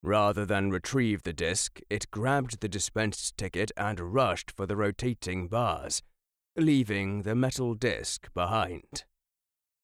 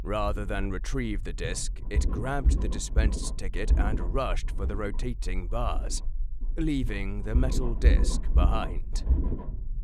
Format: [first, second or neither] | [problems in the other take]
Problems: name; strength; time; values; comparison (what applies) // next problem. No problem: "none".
first | low rumble; loud; throughout; 10 dB below the speech